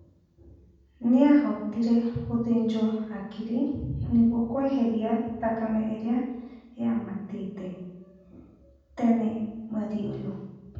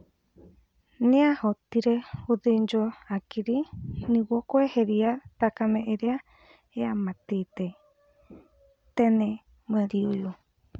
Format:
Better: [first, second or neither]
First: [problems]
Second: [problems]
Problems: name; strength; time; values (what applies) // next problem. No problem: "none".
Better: second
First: room echo; dies away in 1.1 s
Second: none